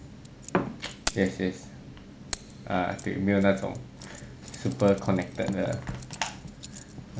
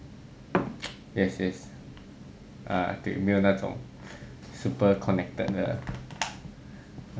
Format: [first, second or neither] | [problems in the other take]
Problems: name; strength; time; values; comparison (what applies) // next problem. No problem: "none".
second | background sound (Keys jangling); 15 dB below the speech